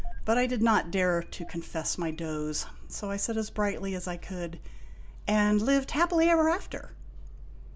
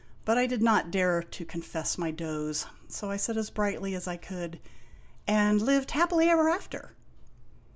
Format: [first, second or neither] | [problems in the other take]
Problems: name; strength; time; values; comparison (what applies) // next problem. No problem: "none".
second | background sound (Engine starting); 10 dB below the speech